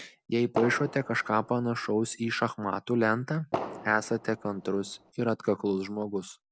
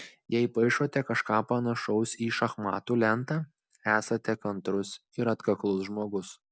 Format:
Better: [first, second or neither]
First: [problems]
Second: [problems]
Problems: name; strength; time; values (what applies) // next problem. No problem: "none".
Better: second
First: background sound (Fireworks); 10 dB below the speech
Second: none